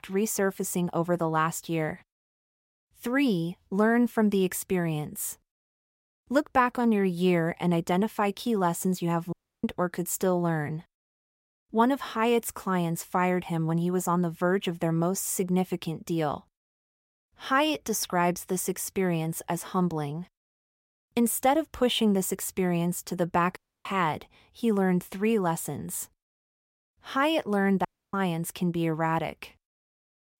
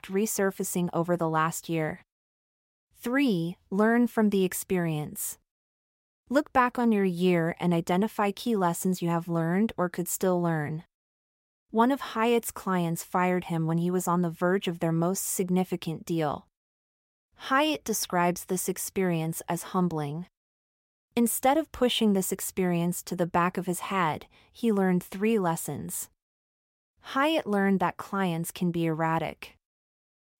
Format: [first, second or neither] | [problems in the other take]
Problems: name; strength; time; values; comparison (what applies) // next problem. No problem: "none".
second | audio cutting out; at 9.5 s, at 24 s and at 28 s